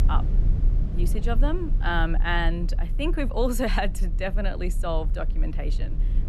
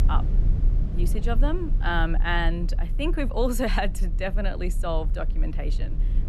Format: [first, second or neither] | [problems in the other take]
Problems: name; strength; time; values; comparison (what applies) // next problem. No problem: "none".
neither | low rumble; noticeable; throughout; 15 dB below the speech; the same in both